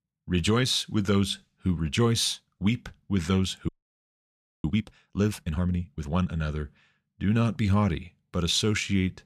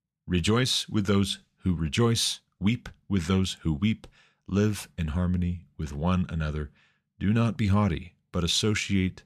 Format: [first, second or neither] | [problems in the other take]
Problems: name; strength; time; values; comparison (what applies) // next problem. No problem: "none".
second | audio freezing; at 3.5 s for 1 s